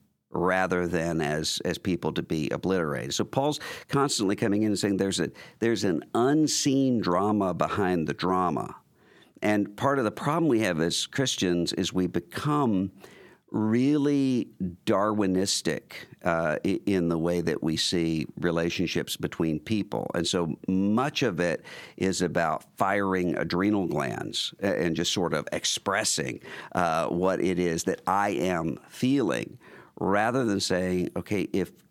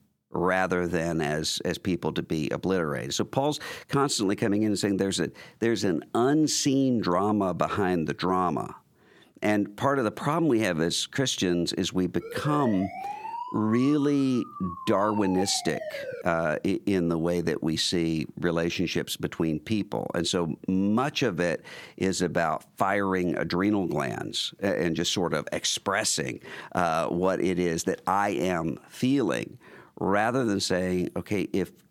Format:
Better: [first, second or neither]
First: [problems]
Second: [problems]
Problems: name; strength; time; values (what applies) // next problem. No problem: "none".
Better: first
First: none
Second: siren; noticeable; from 12 to 16 s; peak 8 dB below the speech